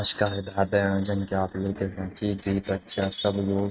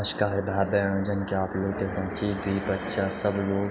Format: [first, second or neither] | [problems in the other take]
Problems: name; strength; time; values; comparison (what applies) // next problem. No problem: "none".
second | noise reduction (neural mask model RNNoise)